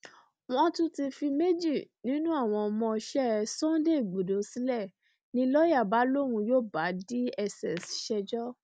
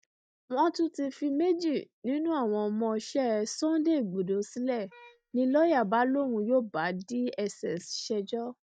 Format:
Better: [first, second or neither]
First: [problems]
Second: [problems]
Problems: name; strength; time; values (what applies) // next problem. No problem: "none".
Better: first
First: none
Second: noise reduction (neural mask model DeepFilterNet 3)